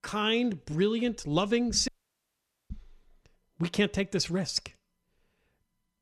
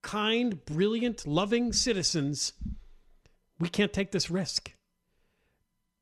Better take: second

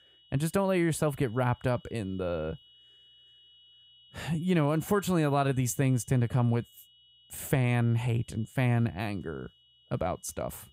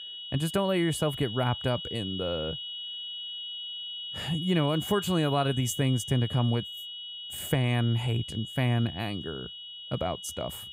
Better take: first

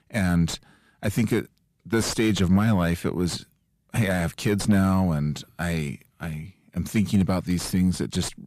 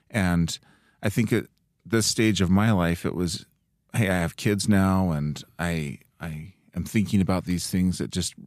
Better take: second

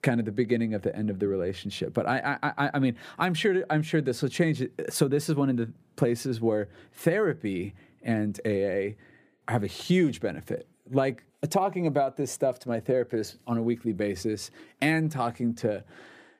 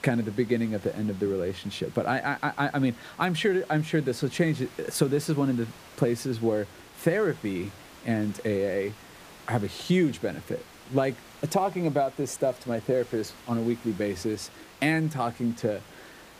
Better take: first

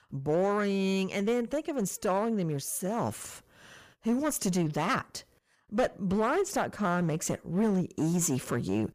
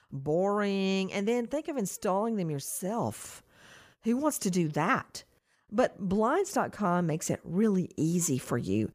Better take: second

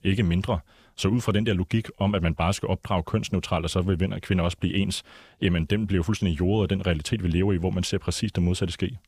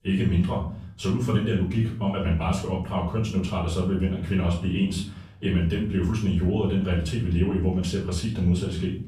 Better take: first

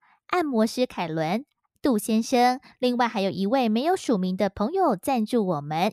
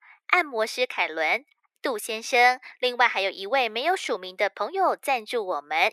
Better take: first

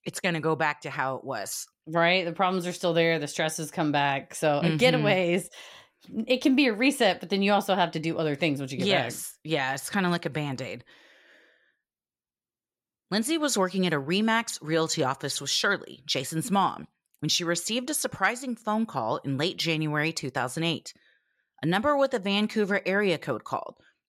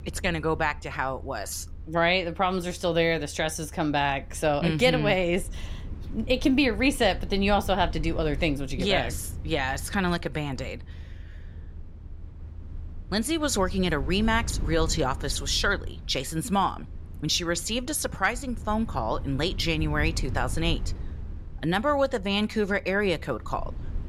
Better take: first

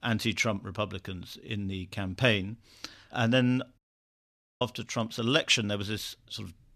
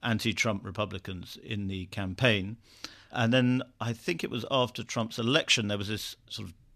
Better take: second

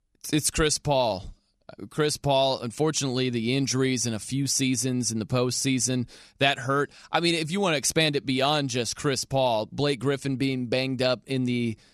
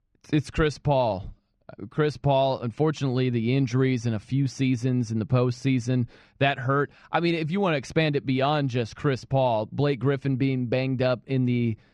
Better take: first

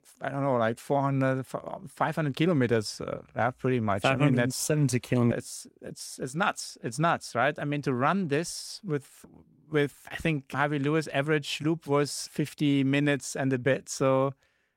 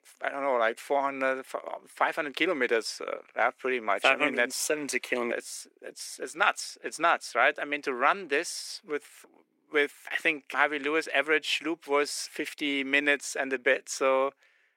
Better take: first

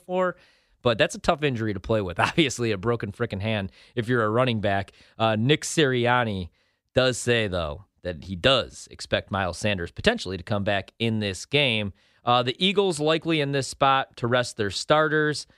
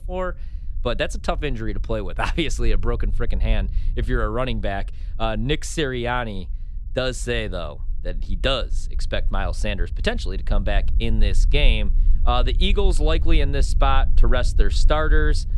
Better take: first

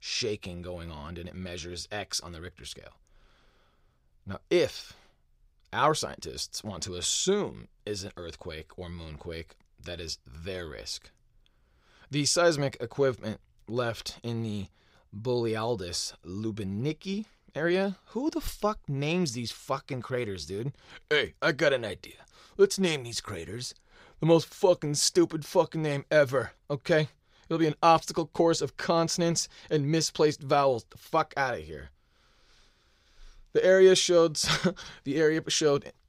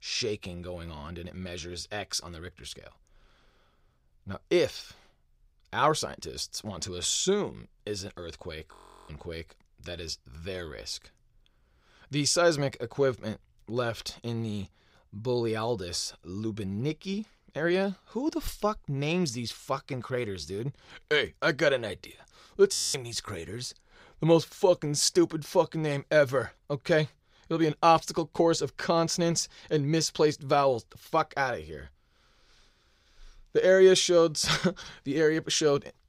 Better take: first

